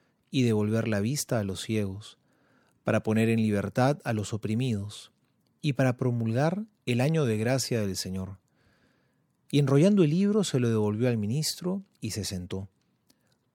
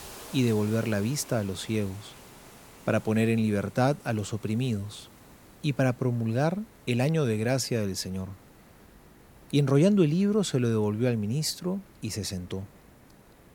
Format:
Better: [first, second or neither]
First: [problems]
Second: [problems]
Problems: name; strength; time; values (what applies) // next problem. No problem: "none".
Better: first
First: none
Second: hiss; faint; throughout; 25 dB below the speech